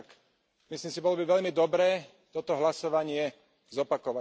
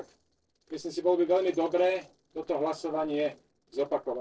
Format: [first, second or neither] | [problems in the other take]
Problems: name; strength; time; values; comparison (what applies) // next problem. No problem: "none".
first | noise reduction (neural separator model SepFormer DNS4)